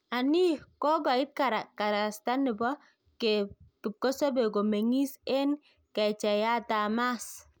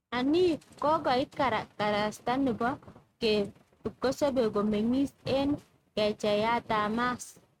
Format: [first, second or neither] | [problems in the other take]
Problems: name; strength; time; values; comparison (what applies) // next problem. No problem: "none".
first | noise reduction (neural mask model RNNoise)